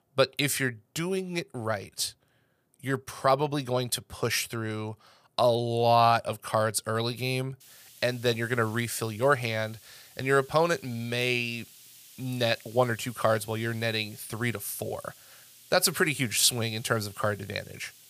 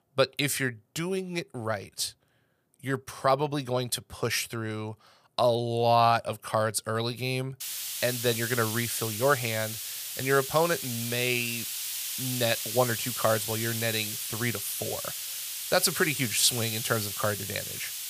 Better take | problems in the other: first | hiss; loud; from 7.5 s on; 4 dB below the speech; faint in the first

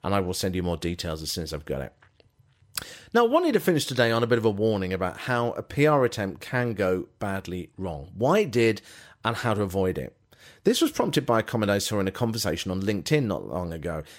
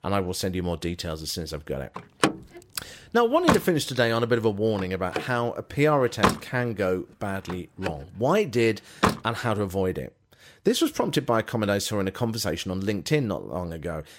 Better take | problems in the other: first | door banging; loud; from 2 to 9 s; peak 2 dB above the speech

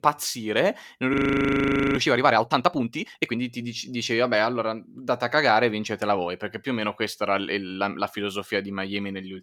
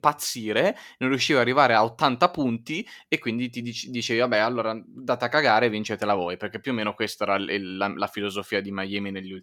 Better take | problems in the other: second | audio freezing; at 1 s for 1 s

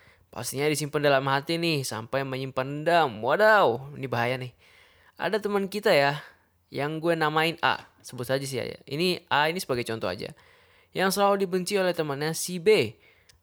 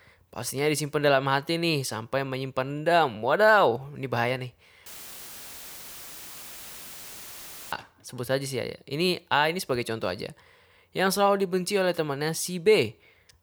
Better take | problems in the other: first | audio cutting out; filled with static; at 5 s for 3 s

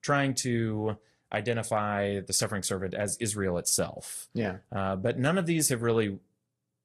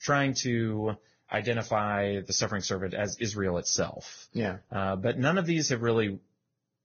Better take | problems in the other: first | garbled, watery; badly; nothing above 6.5 kHz; slightly in the first

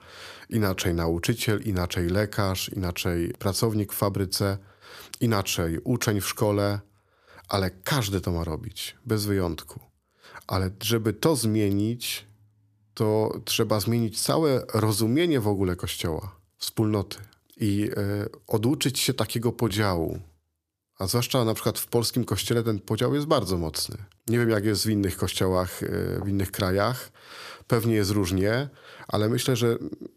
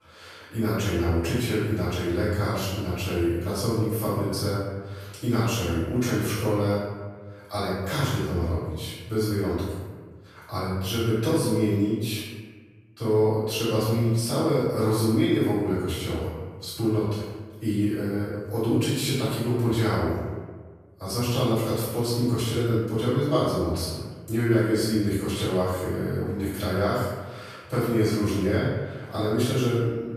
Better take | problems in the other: first | off-mic speech; far // room echo; strong; dies away in 1.2 s

